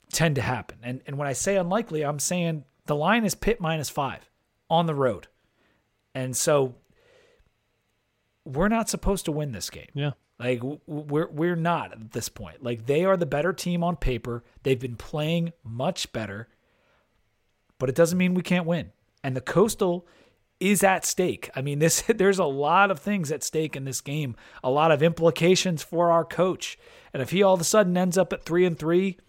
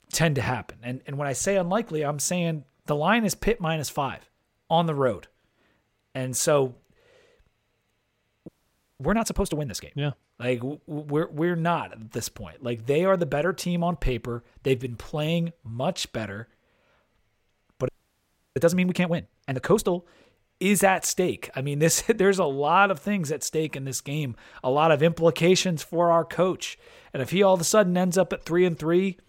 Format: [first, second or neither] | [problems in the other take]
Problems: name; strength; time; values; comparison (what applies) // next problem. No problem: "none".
first | audio freezing; at 8.5 s for 0.5 s and at 18 s for 0.5 s